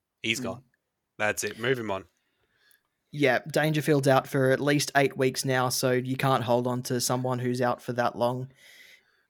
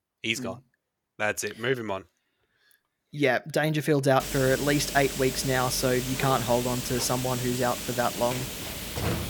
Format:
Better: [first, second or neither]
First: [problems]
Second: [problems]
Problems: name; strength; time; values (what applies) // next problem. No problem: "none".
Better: first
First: none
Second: hiss; loud; from 4 s on; 6 dB below the speech